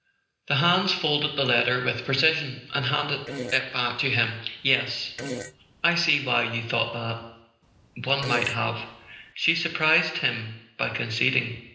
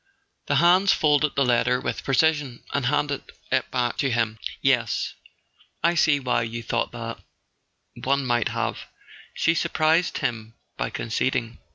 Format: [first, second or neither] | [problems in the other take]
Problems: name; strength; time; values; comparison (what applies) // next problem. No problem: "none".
second | noise reduction (neural separator model SepFormer DNS4)